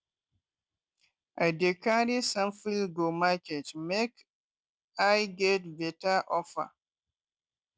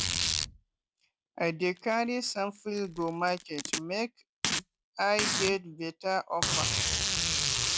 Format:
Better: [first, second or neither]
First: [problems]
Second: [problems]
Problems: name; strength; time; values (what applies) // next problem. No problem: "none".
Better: first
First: none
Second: background sound (Packing tape, duct tape); as loud as the speech